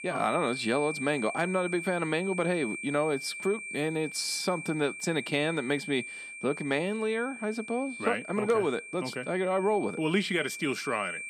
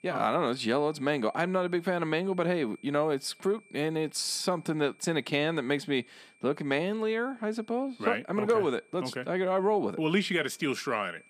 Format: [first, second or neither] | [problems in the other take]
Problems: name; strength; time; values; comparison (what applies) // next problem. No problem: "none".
second | high-pitched whine; loud; throughout; 2.5 kHz, 8 dB below the speech; faint in the second